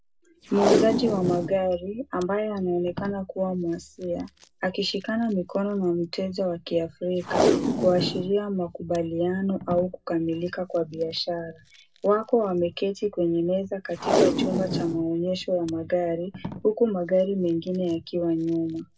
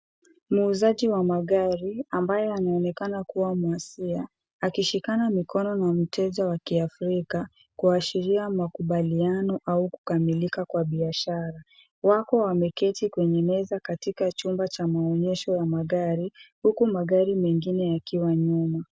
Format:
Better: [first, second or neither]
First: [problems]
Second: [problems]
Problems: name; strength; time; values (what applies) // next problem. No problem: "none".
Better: second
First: background sound (Packing tape, duct tape); 5 dB below the speech // room echo; dies away in 0.2 s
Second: none